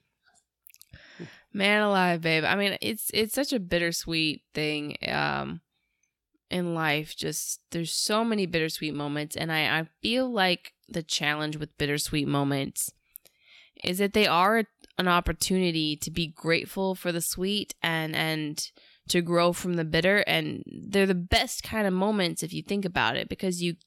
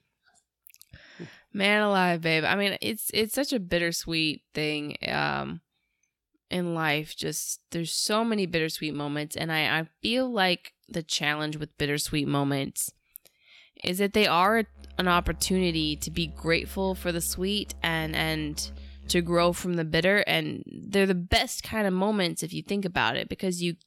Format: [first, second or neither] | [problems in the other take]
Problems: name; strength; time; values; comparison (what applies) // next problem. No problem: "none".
first | background music; noticeable; from 15 s on; 20 dB below the speech